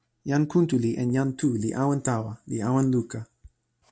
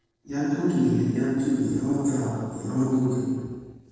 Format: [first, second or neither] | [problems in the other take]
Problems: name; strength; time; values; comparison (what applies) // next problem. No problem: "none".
first | noise reduction (neural separator model SepFormer DNS4)